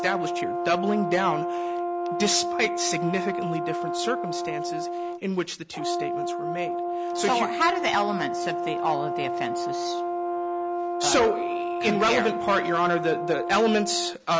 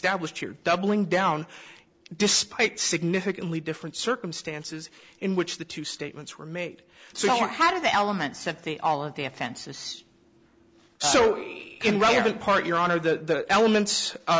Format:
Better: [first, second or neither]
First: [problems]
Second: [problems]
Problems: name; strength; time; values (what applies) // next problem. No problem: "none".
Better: second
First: background sound (Brass instrument); 1 dB below the speech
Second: none